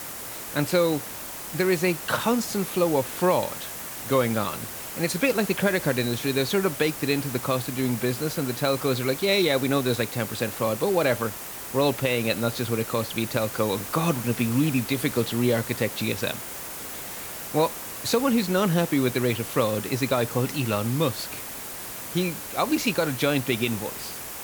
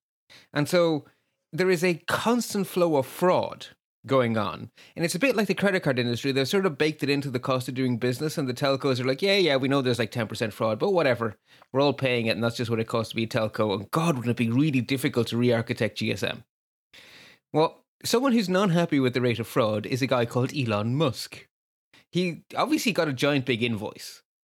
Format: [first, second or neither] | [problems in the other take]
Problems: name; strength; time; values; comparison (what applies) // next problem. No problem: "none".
second | hiss; loud; throughout; 8 dB below the speech